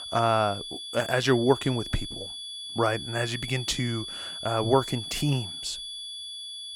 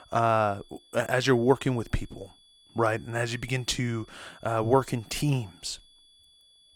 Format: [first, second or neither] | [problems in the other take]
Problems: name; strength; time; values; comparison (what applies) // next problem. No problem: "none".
second | high-pitched whine; loud; throughout; 3.5 kHz, 8 dB below the speech; faint in the second